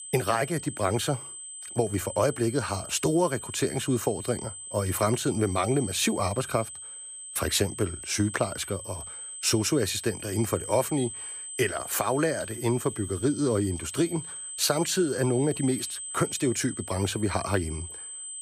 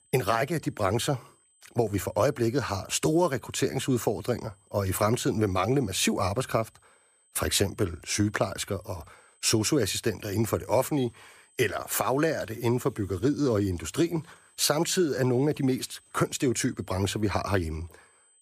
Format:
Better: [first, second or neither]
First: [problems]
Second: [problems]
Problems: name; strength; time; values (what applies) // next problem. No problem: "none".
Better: second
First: high-pitched whine; loud; throughout; 8 kHz, 9 dB below the speech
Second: high-pitched whine; faint; throughout; 8 kHz, 35 dB below the speech